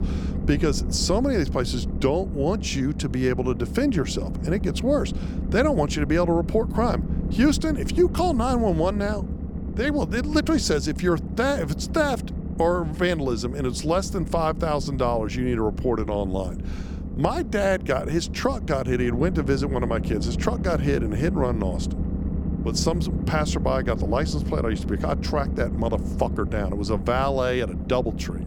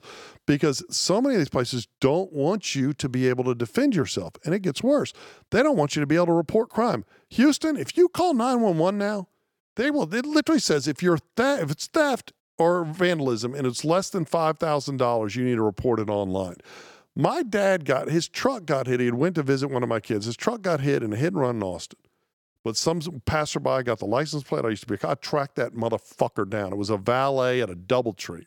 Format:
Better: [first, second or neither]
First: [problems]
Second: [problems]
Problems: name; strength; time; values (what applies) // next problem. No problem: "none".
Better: second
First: low rumble; noticeable; throughout; 15 dB below the speech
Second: none